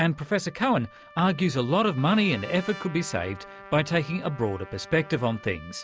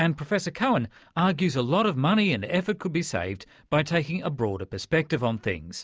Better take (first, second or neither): second